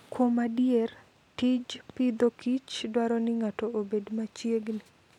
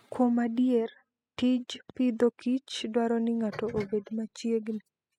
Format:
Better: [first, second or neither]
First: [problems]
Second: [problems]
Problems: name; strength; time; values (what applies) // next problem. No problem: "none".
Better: first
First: none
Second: noise reduction (classical method spectral subtraction)